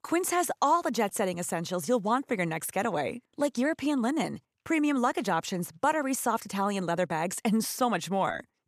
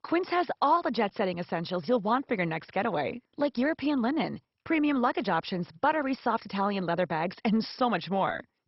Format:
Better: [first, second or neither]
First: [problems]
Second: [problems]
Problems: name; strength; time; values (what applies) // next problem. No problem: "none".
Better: first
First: none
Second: garbled, watery; badly; nothing above 5.5 kHz